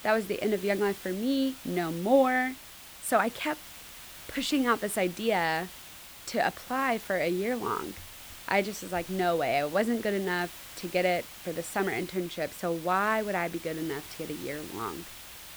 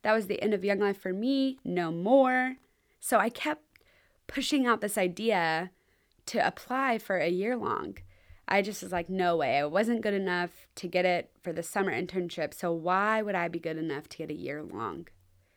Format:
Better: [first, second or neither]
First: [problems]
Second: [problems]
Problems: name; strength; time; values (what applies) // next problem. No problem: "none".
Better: second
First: hiss; noticeable; throughout; 15 dB below the speech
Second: none